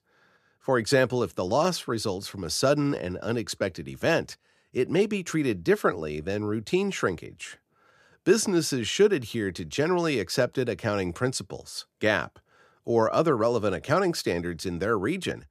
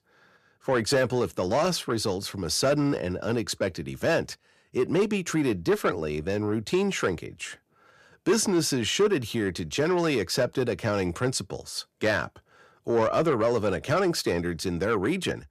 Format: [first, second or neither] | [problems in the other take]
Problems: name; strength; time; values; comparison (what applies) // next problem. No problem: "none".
first | distortion; slight; 10 dB below the speech